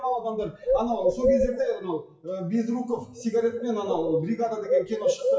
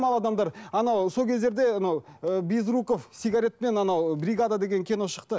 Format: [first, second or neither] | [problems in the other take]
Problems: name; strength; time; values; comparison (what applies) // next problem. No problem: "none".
second | noise reduction (classical method WPE with log-MMSE)